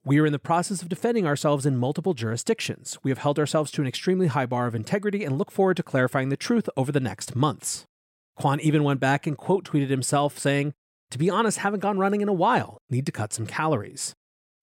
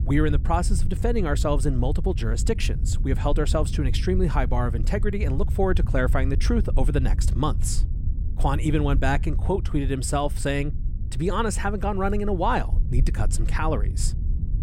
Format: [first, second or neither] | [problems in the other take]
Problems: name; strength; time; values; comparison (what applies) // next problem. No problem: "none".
first | low rumble; noticeable; throughout; 15 dB below the speech